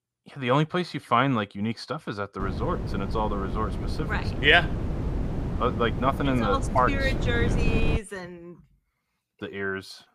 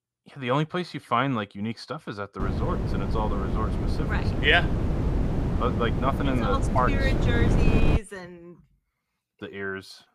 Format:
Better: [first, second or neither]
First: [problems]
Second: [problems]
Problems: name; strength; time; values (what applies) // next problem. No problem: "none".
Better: first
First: wind noise on the microphone; occasional gusts; from 2.5 to 8 s; 10 dB below the speech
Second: wind noise on the microphone; heavy; from 2.5 to 8 s; 6 dB below the speech